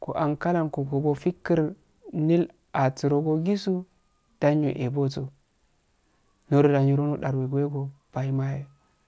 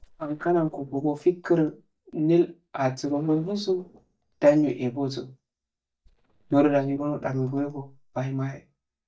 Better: first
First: none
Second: noise reduction (neural mask model DeepFilterNet 3)

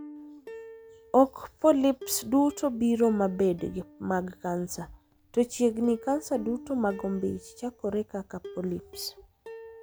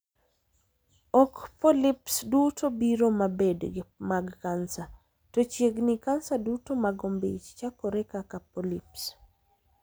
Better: second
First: background sound (Plucked string instrument); 19 dB below the speech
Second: none

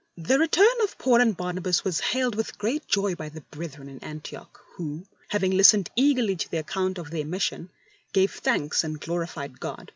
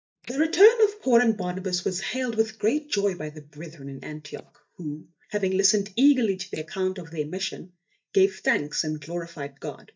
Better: first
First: none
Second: noise reduction (neural mask model DeepFilterNet 3)

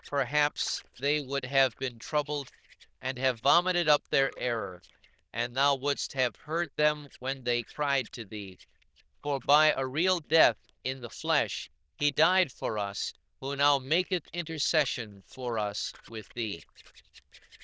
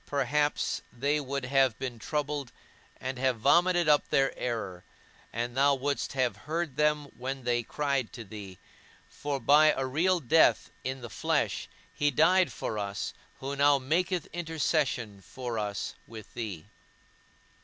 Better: second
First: noise reduction (neural diffusion model UNIVERSE++)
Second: none

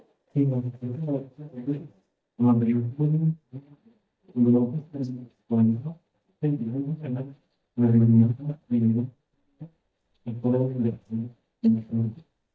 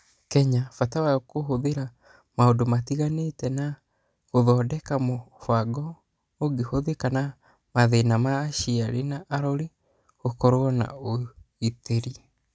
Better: second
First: noise reduction (neural mask model DeepFilterNet 3)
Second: none

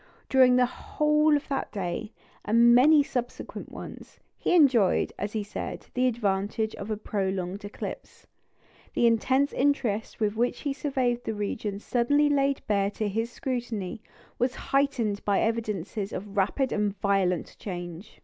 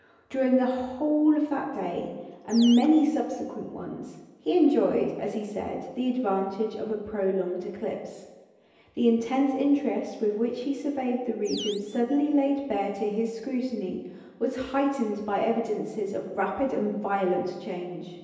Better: first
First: none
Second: background sound (Animal); 19 dB below the speech // room echo; dies away in 1 s

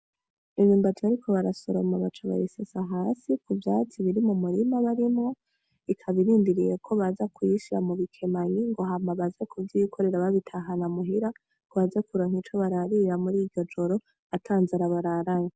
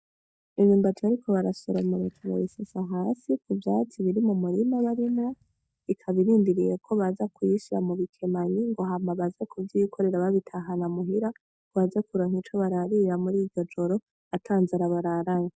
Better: first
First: none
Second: noise reduction (neural mask model DeepFilterNet 3)

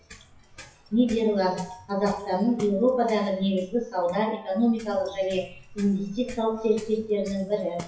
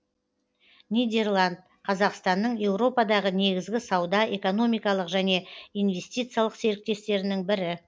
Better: second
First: noise reduction (classical method WPE with log-MMSE)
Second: none

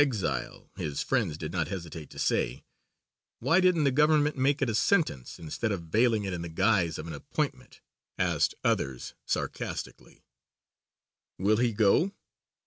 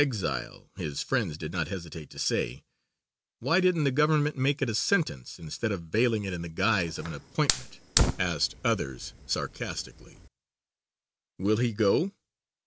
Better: first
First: none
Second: background sound (Fire); 3 dB below the speech

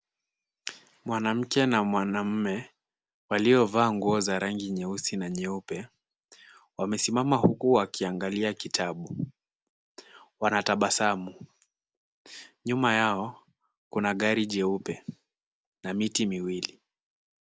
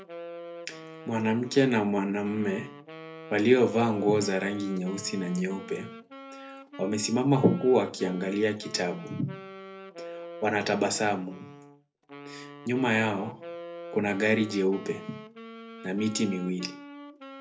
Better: first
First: none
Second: background sound (Wind instrument, woodwind instrument); 15 dB below the speech // room echo; dies away in 0.3 s

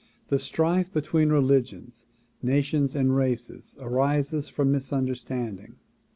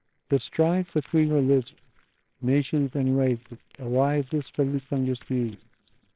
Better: first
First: none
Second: noise reduction (neural separator model SepFormer WHAMR!)

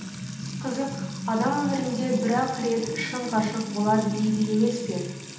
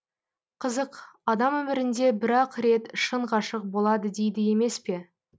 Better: second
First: background sound (Trickle, dribble / Water tap, faucet / Music); 7 dB below the speech // room echo; dies away in 0.8 s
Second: none

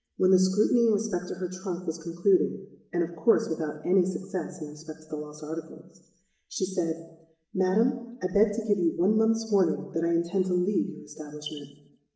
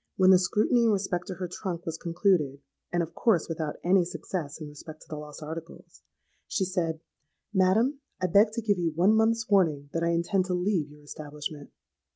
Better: second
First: room echo; dies away in 0.8 s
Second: none

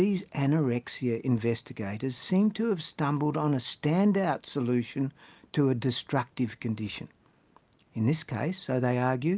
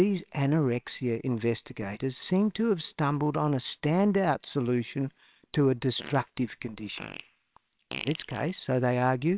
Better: first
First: none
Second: noise reduction (neural separator model SepFormer WHAMR!)

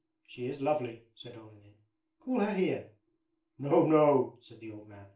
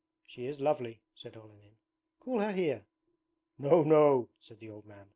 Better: second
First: room echo; dies away in 0.3 s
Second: none

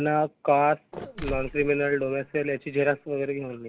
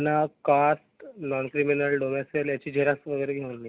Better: second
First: background sound (Mechanisms); 15 dB below the speech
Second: none

